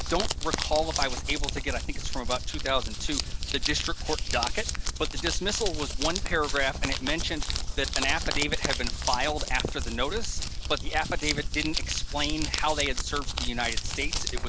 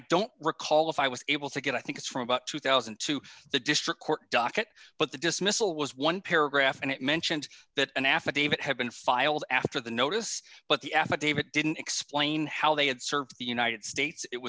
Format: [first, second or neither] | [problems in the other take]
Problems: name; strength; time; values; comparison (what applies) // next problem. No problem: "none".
second | background sound (Crumpling, crinkling); 2 dB above the speech